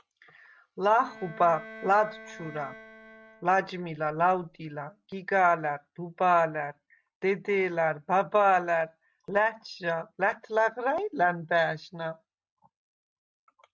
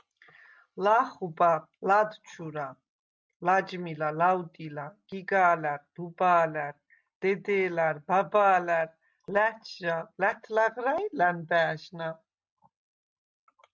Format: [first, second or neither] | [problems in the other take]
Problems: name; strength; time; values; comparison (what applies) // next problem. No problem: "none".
second | background sound (Bowed string instrument); 19 dB below the speech